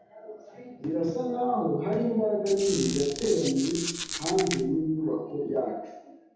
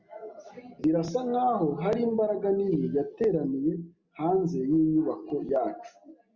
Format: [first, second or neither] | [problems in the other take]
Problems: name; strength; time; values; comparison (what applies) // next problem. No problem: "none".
second | background sound (Squeak); 8 dB below the speech // room echo; dies away in 0.8 s